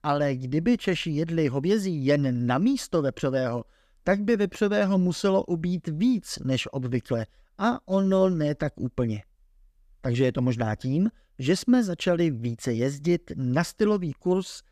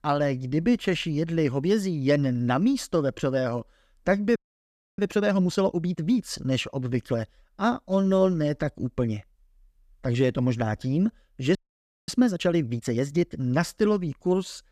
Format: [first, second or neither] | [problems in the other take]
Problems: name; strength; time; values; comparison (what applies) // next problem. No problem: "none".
first | audio freezing; at 4.5 s for 0.5 s and at 12 s for 0.5 s